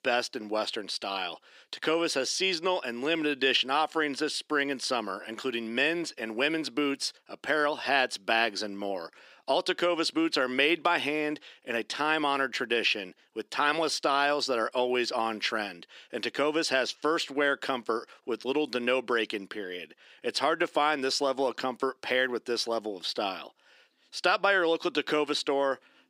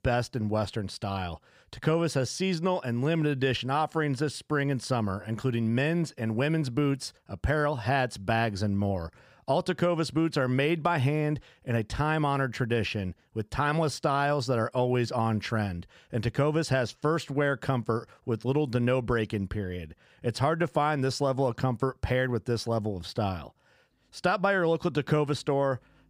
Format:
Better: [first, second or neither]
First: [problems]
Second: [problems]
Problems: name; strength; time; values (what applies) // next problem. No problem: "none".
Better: second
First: thin; somewhat; fading below 300 Hz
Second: none